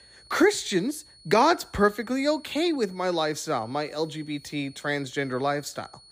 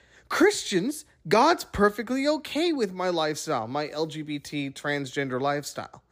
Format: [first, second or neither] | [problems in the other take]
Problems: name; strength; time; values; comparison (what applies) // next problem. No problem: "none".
second | high-pitched whine; faint; throughout; 4.5 kHz, 25 dB below the speech